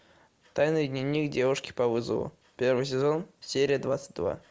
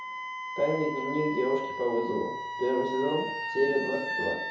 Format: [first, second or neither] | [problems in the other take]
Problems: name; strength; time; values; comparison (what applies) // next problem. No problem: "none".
first | background sound (Wind instrument, woodwind instrument); 5 dB below the speech // room echo; dies away in 2.6 s